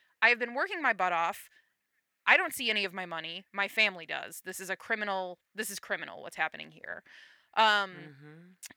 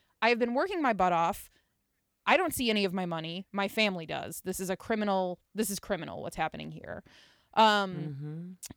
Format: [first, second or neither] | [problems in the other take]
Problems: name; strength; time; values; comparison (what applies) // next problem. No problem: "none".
second | thin; somewhat; fading below 1 kHz